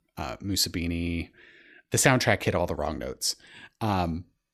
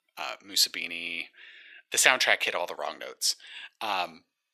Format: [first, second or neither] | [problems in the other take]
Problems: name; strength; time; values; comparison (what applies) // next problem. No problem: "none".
first | thin; very; fading below 700 Hz